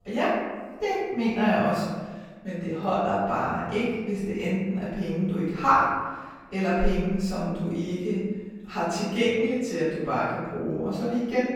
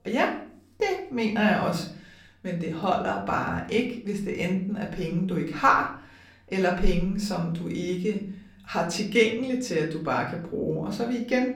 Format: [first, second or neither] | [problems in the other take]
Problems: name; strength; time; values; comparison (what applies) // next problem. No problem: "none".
second | room echo; strong; dies away in 1.3 s; slight in the second // off-mic speech; far; somewhat distant in the second